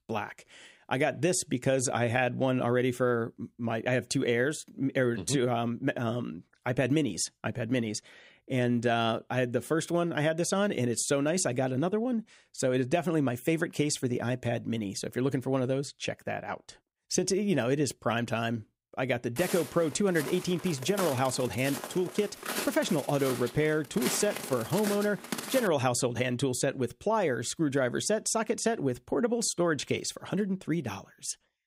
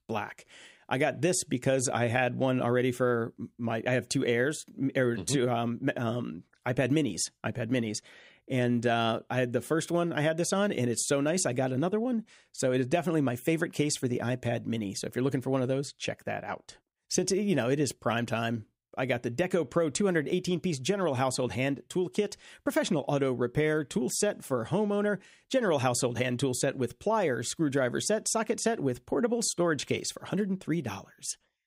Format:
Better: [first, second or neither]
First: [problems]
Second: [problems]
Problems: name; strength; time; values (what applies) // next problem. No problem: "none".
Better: second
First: footsteps; noticeable; from 19 to 26 s; peak 3 dB below the speech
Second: none